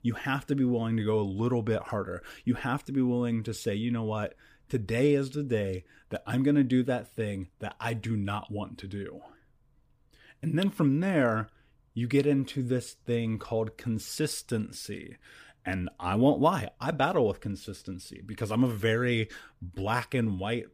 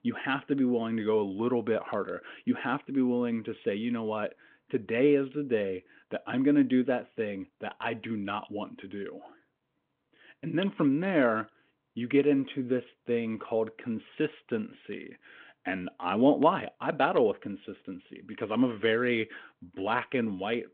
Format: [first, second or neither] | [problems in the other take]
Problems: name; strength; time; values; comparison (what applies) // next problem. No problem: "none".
first | phone-call audio